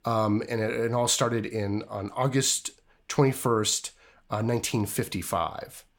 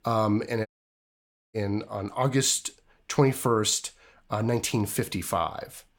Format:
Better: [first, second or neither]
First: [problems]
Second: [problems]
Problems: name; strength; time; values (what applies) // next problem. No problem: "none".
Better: first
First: none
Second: audio cutting out; at 0.5 s for 1 s